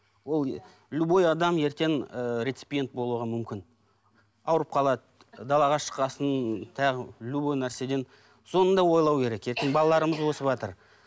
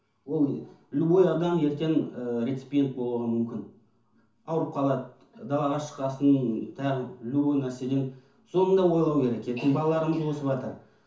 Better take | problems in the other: first | room echo; dies away in 0.9 s

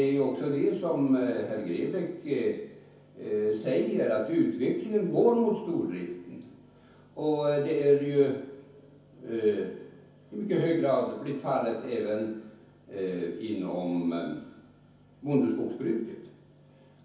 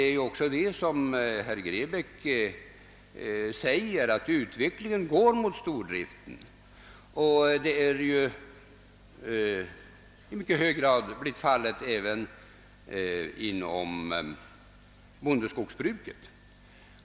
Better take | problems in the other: second | room echo; dies away in 0.7 s

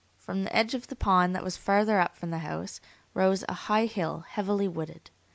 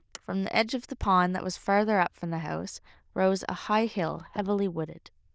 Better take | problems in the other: first | noise reduction (neural diffusion model UNIVERSE++)

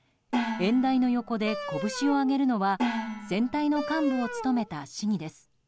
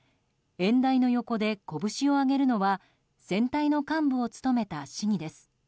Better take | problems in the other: second | background sound (Gong + Wind instrument, woodwind instrument); 7 dB below the speech

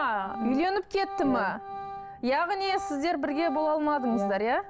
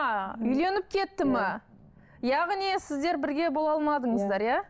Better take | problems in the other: second | background sound (Organ); 11 dB below the speech

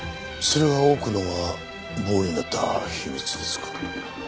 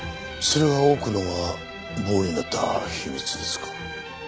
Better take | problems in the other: second | background sound (Toilet flush); 19 dB below the speech

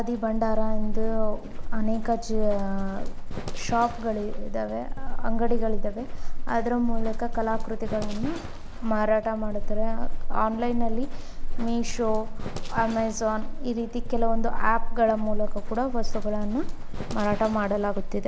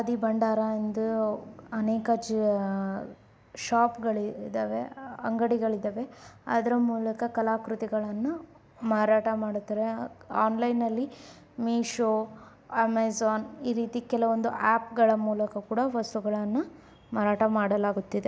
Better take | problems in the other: second | background sound (Livestock, farm animals, working animals); 4 dB above the speech

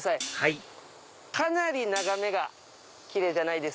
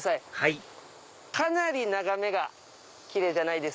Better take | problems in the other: second | background sound (Hi-hat); 14 dB below the speech

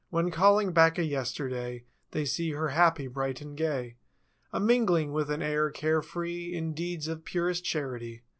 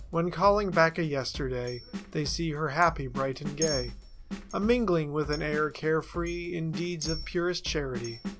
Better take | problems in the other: first | background sound (Chink, clink + Drum kit); 10 dB below the speech

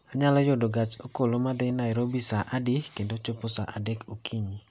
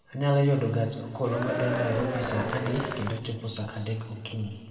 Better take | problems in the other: first | background sound (Cheering); 3 dB below the speech // room echo; dies away in 2.1 s

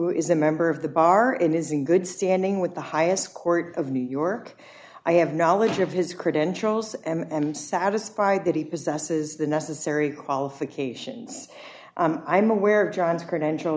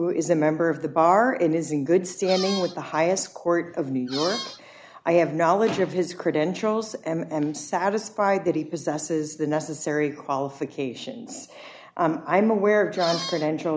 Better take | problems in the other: first | background sound (Squeak); 9 dB below the speech

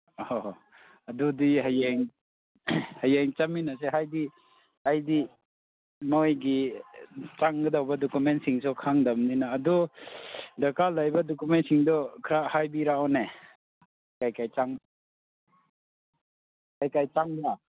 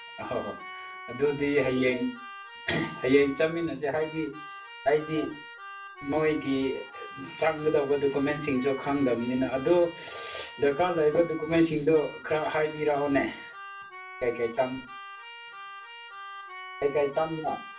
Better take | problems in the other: first | background sound (Keyboard (musical)); 15 dB below the speech // room echo; dies away in 0.3 s

